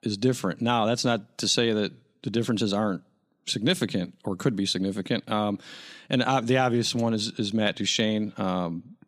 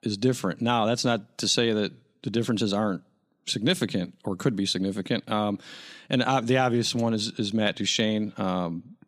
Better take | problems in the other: neither | none

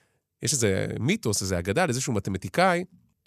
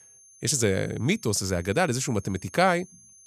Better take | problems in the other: first | high-pitched whine; faint; throughout; 6.5 kHz, 25 dB below the speech

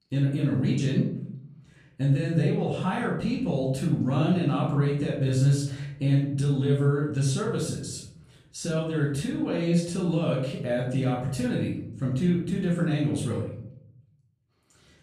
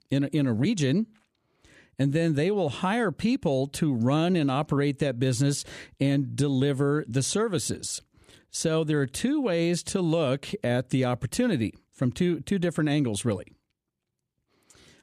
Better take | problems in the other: second | off-mic speech; far // room echo; noticeable; dies away in 0.8 s

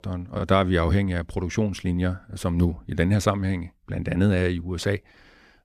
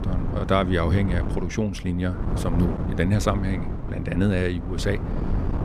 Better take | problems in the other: first | wind noise on the microphone; heavy; 9 dB below the speech

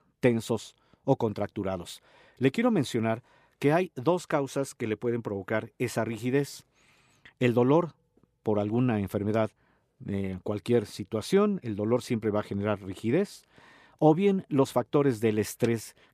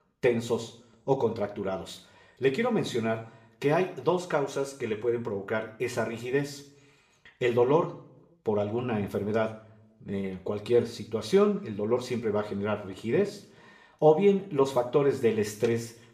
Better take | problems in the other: first | room echo; slight; dies away in 0.5 s // off-mic speech; somewhat distant

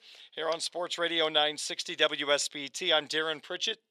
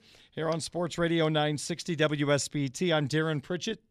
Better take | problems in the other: second | thin; very; fading below 600 Hz

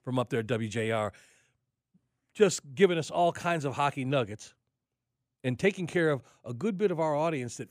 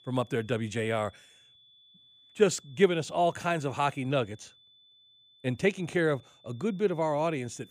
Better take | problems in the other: first | high-pitched whine; faint; throughout; 3.5 kHz, 30 dB below the speech

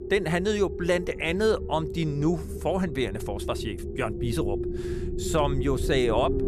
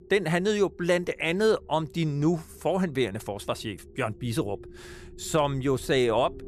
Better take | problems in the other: second | low rumble; loud; throughout; 9 dB below the speech; faint in the second

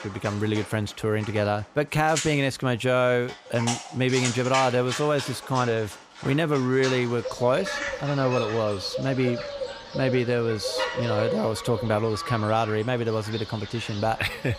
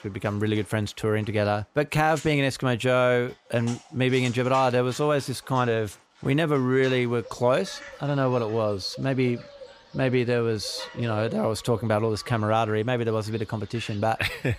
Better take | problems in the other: second | animal sounds; loud; throughout; 8 dB below the speech; faint in the second

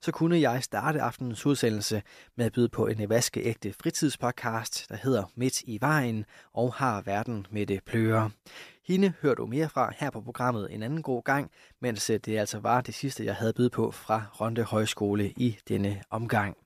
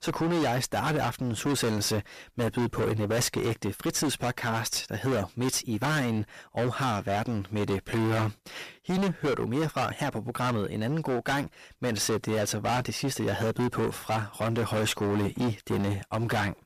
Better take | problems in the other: first | distortion; heavy; 27% of the sound clipped

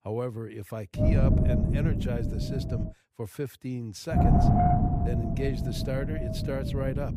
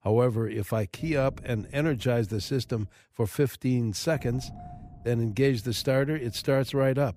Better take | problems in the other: second | wind noise on the microphone; heavy; from 1 to 3 s and from 4 s on; 5 dB above the speech; occasional gusts in the second

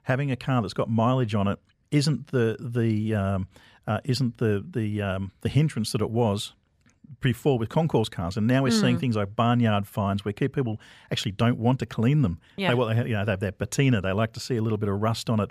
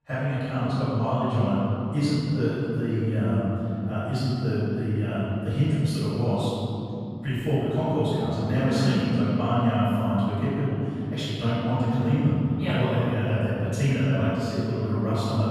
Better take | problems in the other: first | room echo; strong; dies away in 3 s // off-mic speech; far

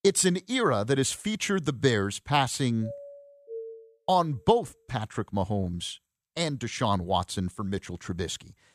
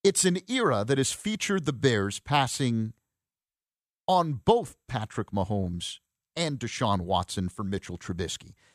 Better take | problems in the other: second | doorbell; faint; from 3 to 4 s; peak 10 dB below the speech

